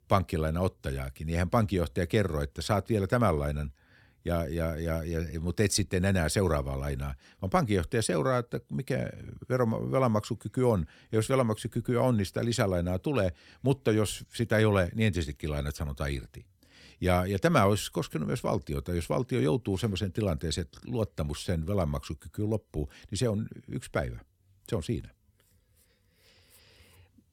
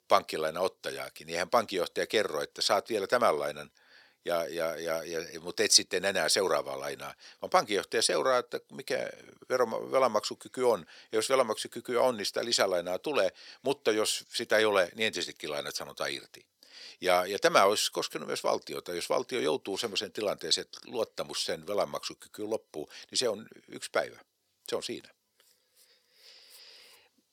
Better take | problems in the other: first | thin; very; fading below 500 Hz

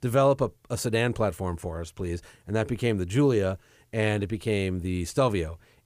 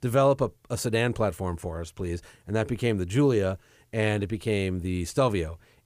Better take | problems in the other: neither | none

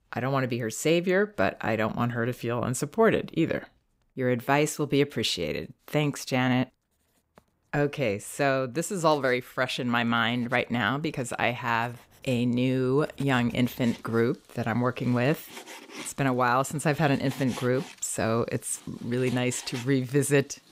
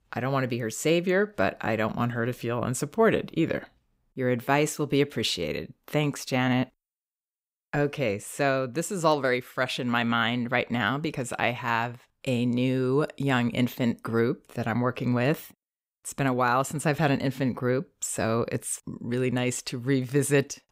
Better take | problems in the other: second | household noises; faint; throughout; 20 dB below the speech

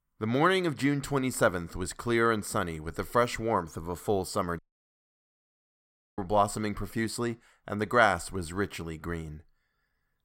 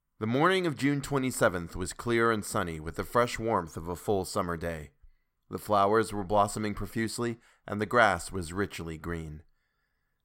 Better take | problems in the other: second | audio cutting out; at 4.5 s for 1.5 s

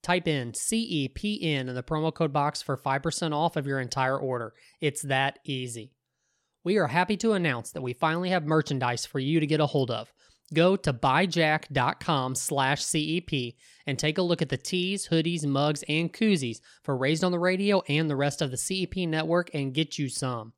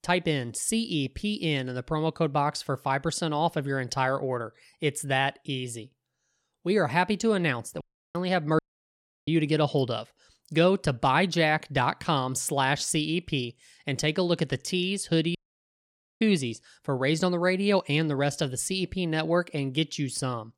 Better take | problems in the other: first | audio cutting out; at 8 s, at 8.5 s for 0.5 s and at 15 s for 1 s

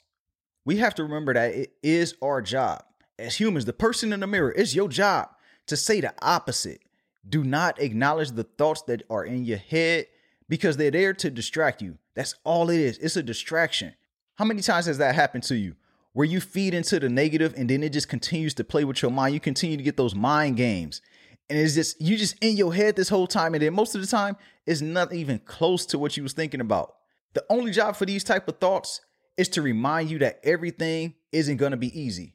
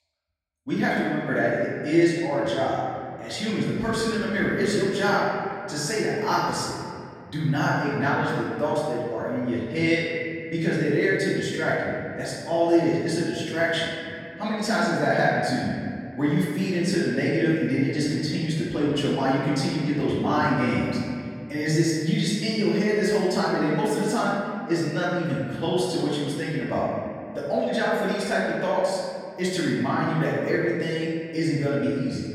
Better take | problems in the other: first | off-mic speech; far // room echo; strong; dies away in 2.2 s

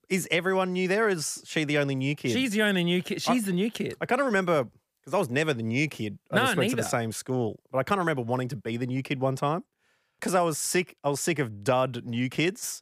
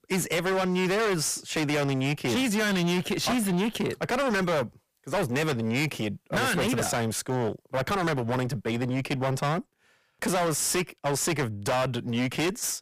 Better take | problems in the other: first | distortion; heavy; 29% of the sound clipped

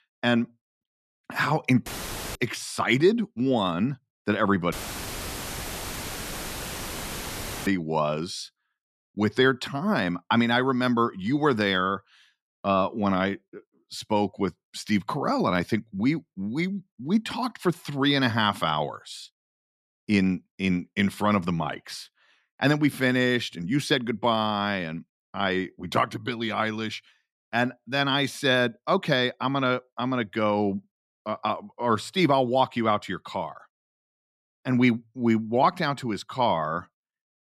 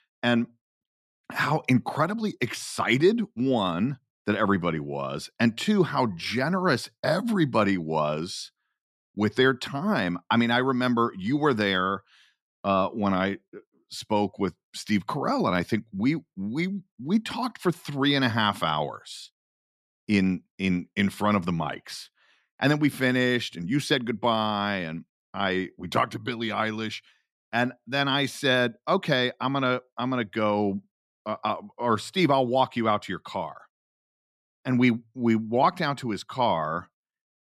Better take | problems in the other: second | audio cutting out; filled with static; at 2 s and at 4.5 s for 3 s

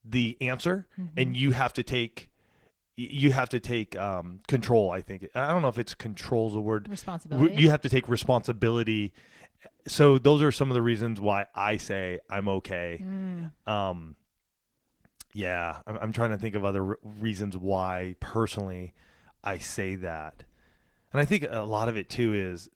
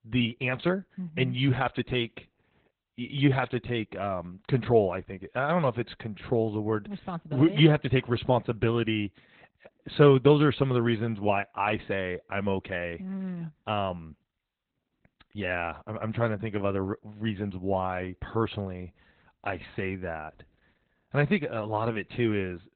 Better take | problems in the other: first | garbled, watery; badly; slightly in the first

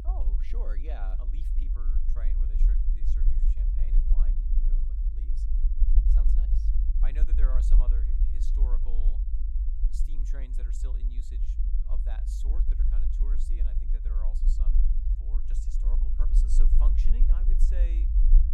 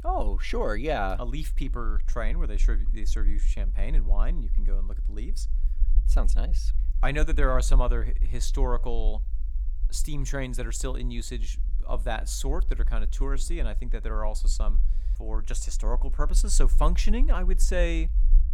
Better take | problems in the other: second | low rumble; loud; throughout; 1 dB below the speech; faint in the second

